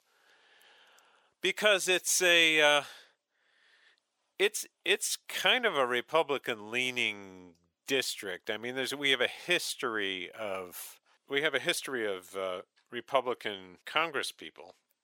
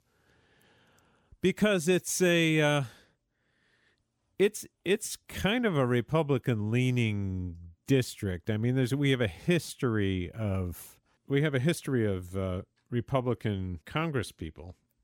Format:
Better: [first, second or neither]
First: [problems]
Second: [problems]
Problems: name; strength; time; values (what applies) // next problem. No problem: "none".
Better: second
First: thin; very; fading below 650 Hz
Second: none